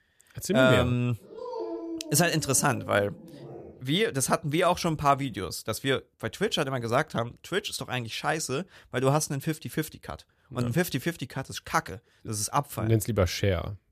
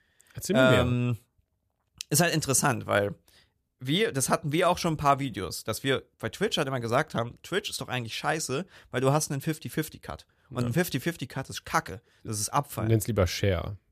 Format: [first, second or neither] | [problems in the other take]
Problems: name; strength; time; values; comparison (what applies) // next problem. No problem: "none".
second | dog barking; noticeable; from 1 to 4 s; peak 7 dB below the speech